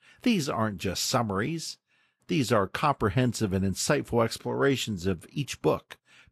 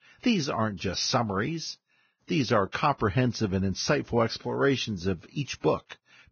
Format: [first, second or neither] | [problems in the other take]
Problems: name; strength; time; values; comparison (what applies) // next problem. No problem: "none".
first | garbled, watery; badly; nothing above 6.5 kHz; slightly in the first